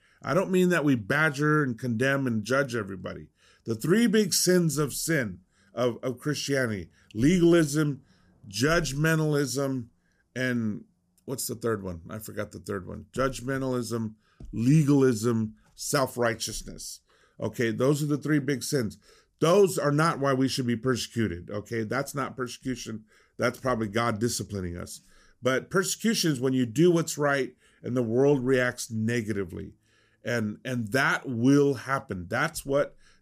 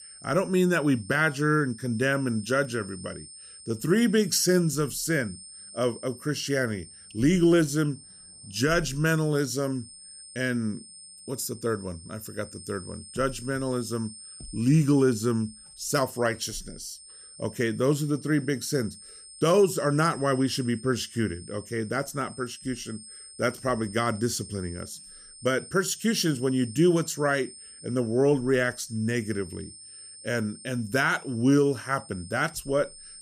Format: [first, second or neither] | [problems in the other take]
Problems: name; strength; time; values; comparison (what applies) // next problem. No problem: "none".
first | high-pitched whine; noticeable; throughout; 8.5 kHz, 15 dB below the speech